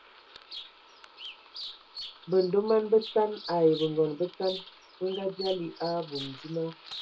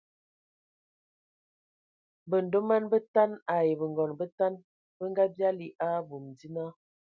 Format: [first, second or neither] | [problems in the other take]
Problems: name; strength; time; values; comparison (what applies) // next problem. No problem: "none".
second | background sound (Bird vocalization, bird call, bird song); 14 dB below the speech // room echo; dies away in 0.2 s